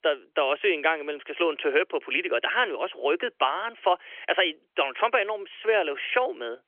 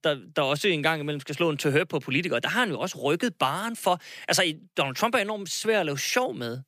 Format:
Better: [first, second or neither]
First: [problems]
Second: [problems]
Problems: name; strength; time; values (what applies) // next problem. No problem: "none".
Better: second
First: phone-call audio; nothing above 3 kHz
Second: none